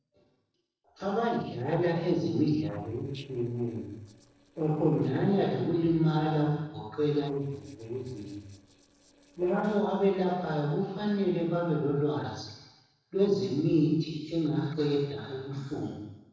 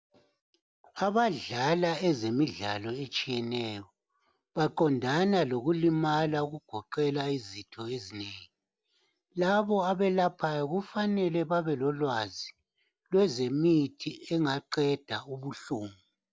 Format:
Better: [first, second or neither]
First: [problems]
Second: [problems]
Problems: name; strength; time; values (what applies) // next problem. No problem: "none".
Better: second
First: noise reduction (neural separator model SepFormer DNS4)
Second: none